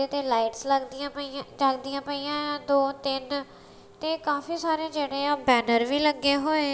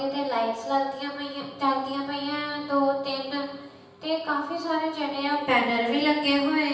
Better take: first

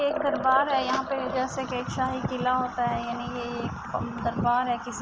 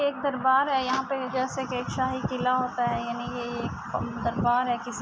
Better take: second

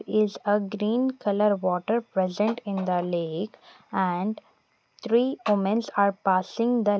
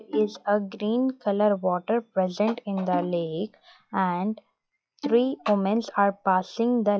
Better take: first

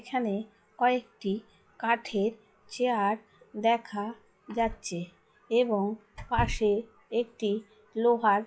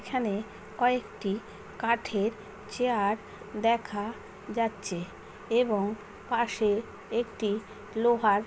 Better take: second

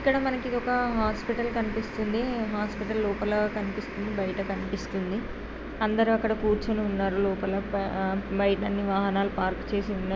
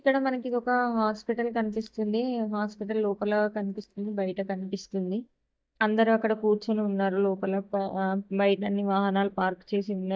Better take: first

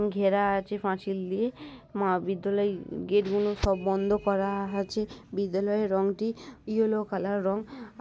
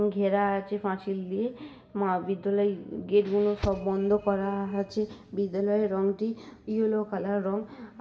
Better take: first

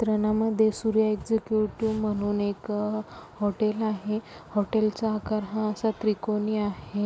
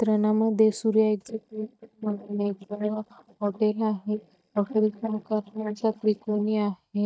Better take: first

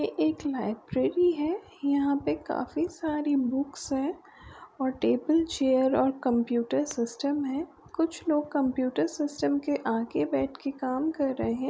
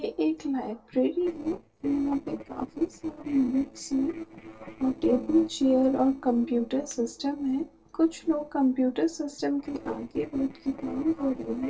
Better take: first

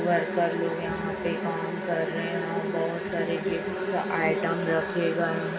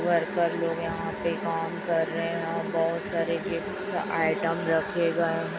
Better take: second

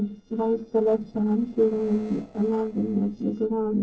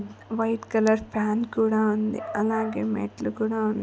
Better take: second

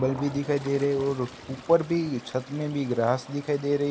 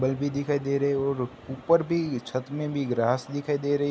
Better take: second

